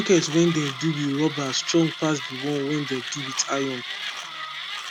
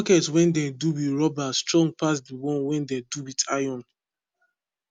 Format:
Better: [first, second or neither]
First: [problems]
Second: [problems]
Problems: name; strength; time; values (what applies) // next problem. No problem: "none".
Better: second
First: background sound (Mechanisms); 8 dB below the speech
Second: none